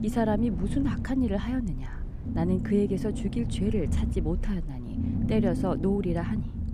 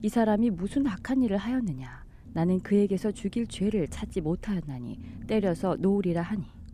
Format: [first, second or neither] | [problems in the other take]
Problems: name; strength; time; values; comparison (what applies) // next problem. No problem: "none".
second | low rumble; loud; throughout; 7 dB below the speech; faint in the second